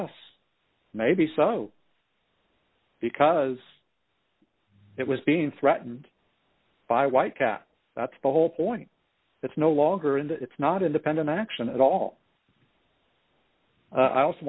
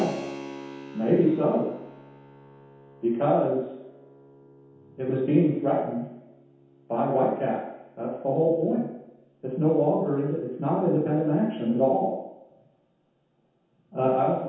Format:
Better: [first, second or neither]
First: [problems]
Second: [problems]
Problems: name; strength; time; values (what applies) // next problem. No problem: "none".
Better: first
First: none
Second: background sound (Keyboard (musical)); 20 dB below the speech // room echo; dies away in 0.9 s